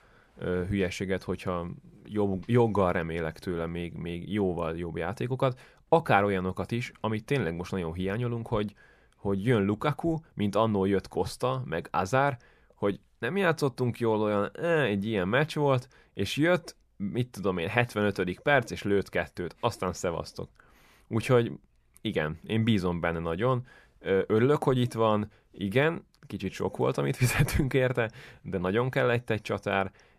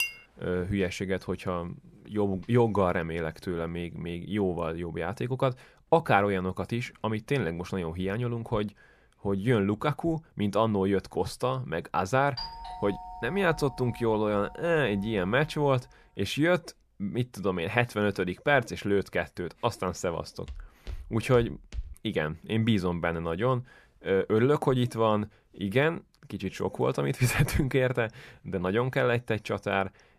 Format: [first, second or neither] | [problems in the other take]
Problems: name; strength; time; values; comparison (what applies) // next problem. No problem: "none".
first | clattering dishes; noticeable; at the start; peak 3 dB below the speech // doorbell; noticeable; from 12 to 16 s; peak 9 dB below the speech // footsteps; faint; from 20 to 22 s; peak 15 dB below the speech